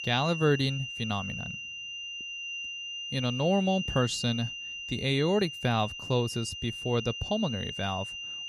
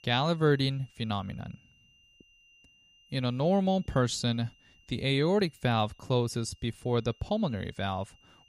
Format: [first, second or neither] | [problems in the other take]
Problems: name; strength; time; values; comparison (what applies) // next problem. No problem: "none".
second | high-pitched whine; loud; throughout; 3 kHz, 6 dB below the speech; faint in the second